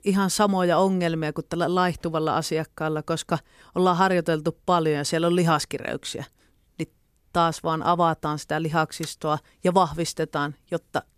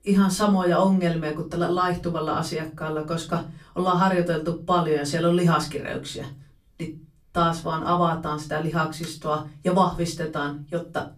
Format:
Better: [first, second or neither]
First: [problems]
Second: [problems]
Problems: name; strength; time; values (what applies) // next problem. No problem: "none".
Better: first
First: none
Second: off-mic speech; far // room echo; very slight; dies away in 0.3 s